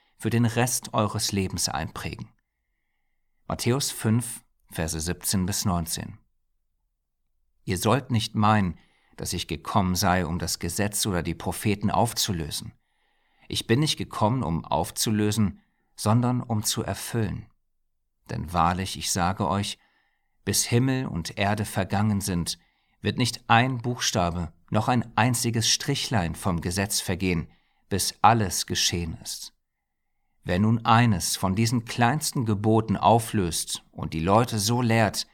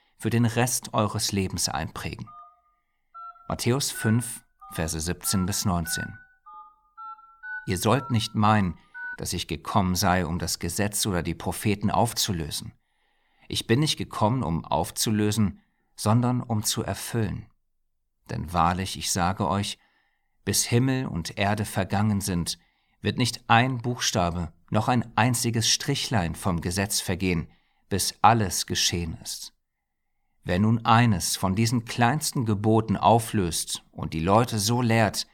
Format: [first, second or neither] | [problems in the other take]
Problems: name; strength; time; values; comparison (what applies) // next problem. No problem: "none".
first | phone ringing; faint; from 2.5 to 9 s; peak 10 dB below the speech